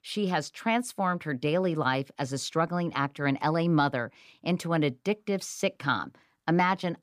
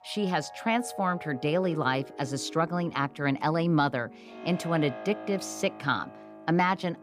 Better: first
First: none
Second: background music; noticeable; throughout; 15 dB below the speech

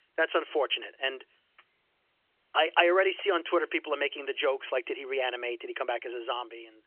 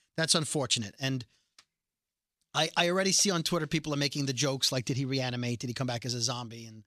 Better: second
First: phone-call audio; nothing above 3 kHz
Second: none

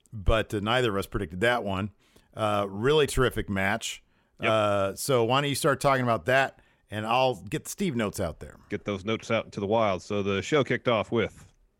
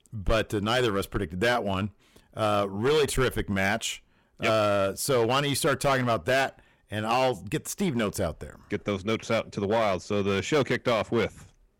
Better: first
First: none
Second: distortion; slight; 8% of the sound clipped

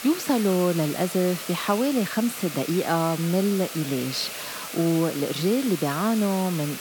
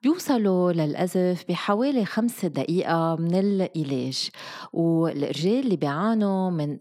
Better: second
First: hiss; loud; throughout; 9 dB below the speech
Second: none

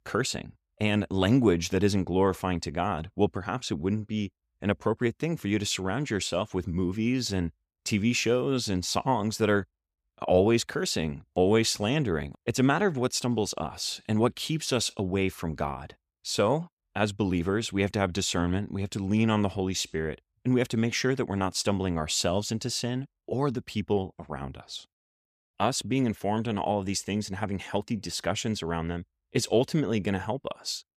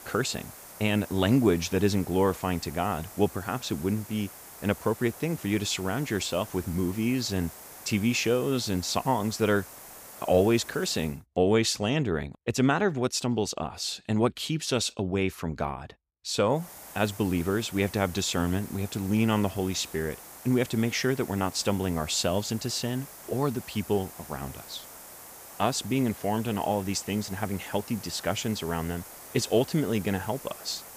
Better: first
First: none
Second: hiss; noticeable; until 11 s and from 17 s on; 15 dB below the speech

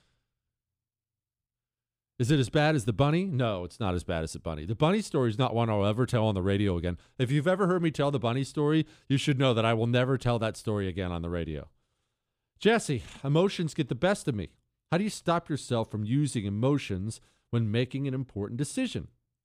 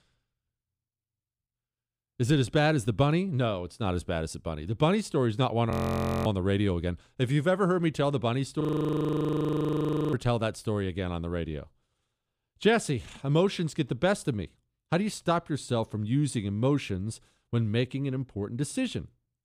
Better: first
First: none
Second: audio freezing; at 5.5 s for 0.5 s and at 8.5 s for 1.5 s

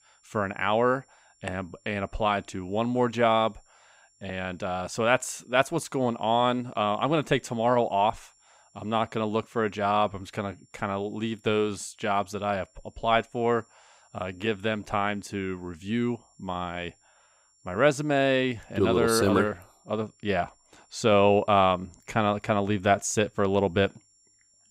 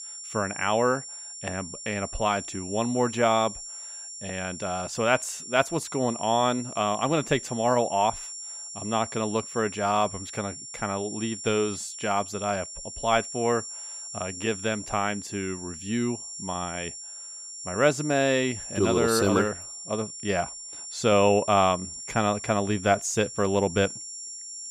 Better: first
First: high-pitched whine; faint; throughout; 7.5 kHz, 35 dB below the speech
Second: high-pitched whine; loud; throughout; 7.5 kHz, 10 dB below the speech

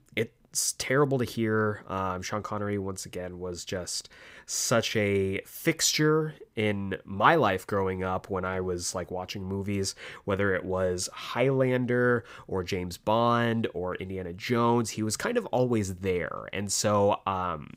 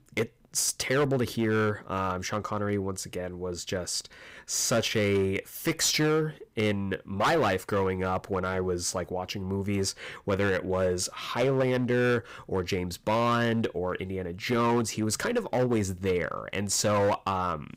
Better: first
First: none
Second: distortion; slight; 8% of the sound clipped

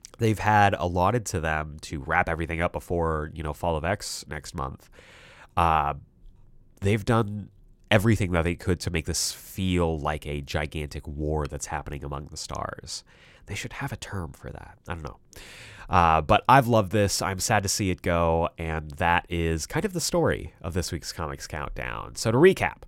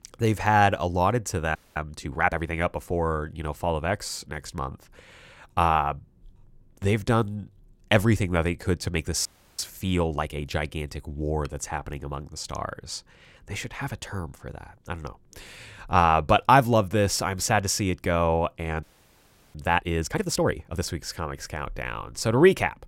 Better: first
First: none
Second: audio freezing; at 1.5 s, at 9.5 s and at 19 s for 0.5 s

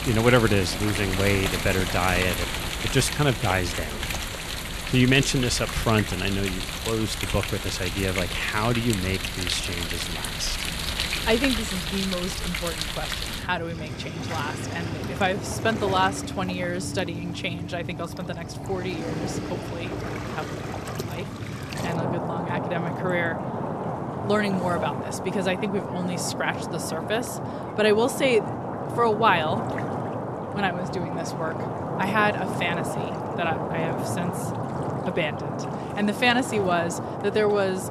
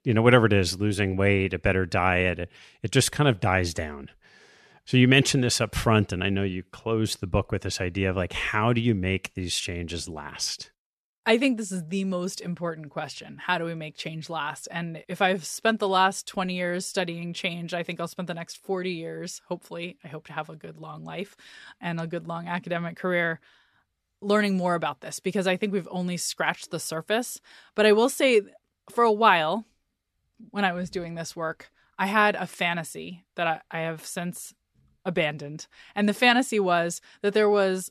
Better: second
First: rain or running water; loud; throughout; 4 dB below the speech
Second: none

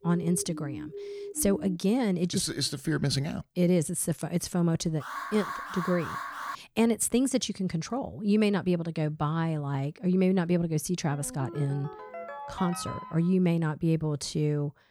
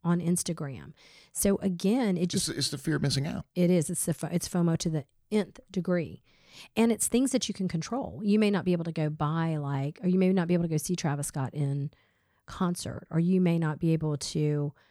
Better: second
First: siren; faint; until 2 s; peak 10 dB below the speech // alarm; noticeable; from 5 to 6.5 s; peak 7 dB below the speech // phone ringing; noticeable; from 11 to 13 s; peak 10 dB below the speech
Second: none

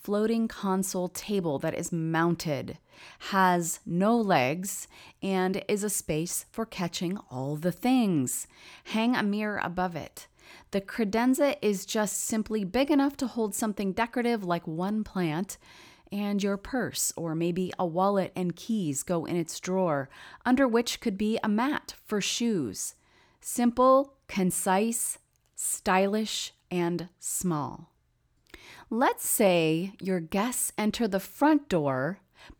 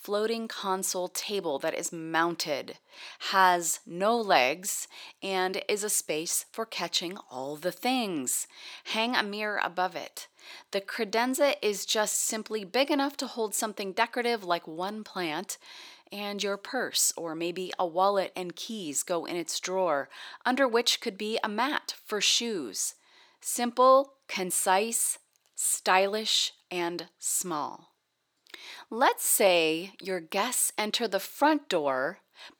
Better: first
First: none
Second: thin; somewhat; fading below 400 Hz

